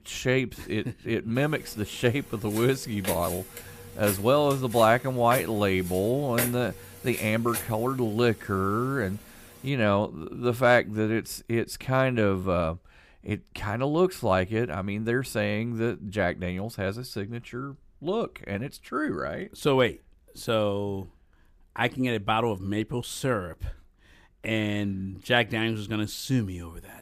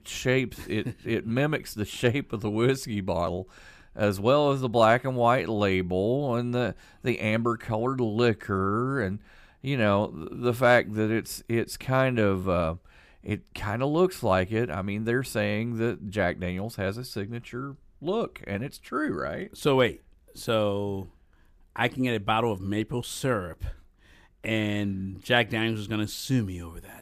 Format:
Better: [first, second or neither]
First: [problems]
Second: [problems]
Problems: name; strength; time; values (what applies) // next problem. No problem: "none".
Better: second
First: footsteps; noticeable; from 2.5 to 7.5 s; peak 2 dB below the speech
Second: none